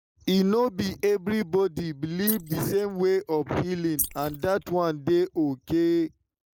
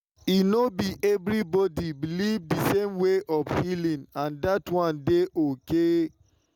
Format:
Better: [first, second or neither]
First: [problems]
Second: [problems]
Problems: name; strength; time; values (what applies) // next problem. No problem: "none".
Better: second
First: noise reduction (neural mask model Resemble Enhance denoiser)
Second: none